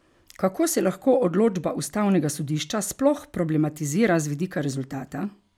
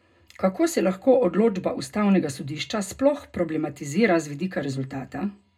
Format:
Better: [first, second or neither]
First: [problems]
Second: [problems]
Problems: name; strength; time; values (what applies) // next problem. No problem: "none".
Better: first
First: none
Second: room echo; dies away in 0.2 s